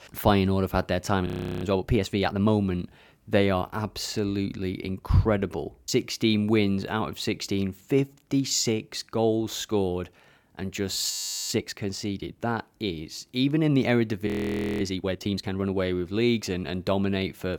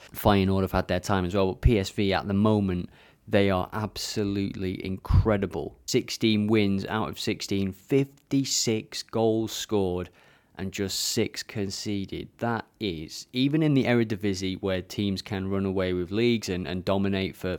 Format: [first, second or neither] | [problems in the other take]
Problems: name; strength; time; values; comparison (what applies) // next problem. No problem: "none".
second | audio freezing; at 1.5 s, at 11 s and at 14 s for 0.5 s